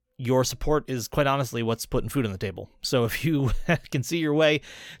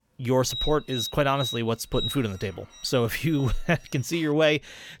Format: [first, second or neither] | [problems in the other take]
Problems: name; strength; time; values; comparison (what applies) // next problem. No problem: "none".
first | alarm; noticeable; until 4 s; peak 5 dB below the speech